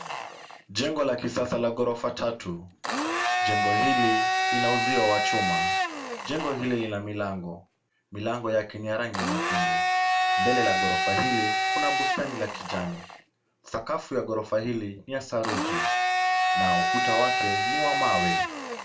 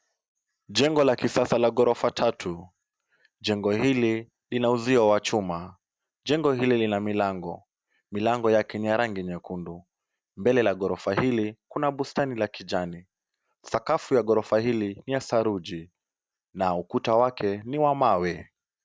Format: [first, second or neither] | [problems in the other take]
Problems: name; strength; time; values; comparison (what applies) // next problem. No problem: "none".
second | background sound (Domestic sounds, home sounds); 3 dB above the speech // room echo; dies away in 0.2 s